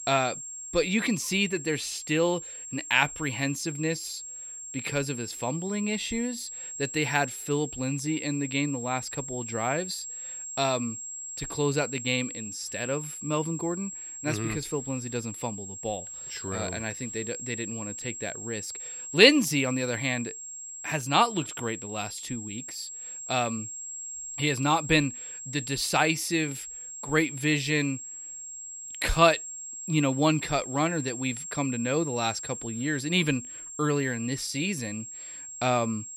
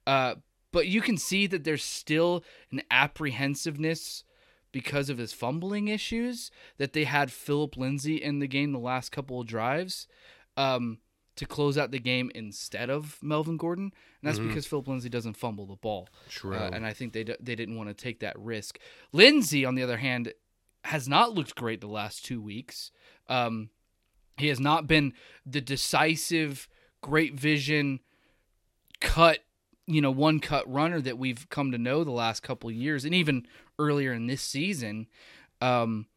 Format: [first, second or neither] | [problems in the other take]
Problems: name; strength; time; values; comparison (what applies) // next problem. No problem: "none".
second | high-pitched whine; loud; throughout; 7.5 kHz, 8 dB below the speech